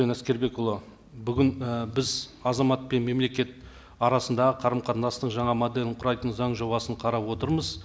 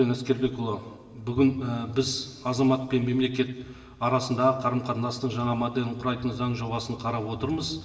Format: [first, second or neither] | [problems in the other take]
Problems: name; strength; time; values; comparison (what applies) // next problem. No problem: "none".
first | room echo; dies away in 1.9 s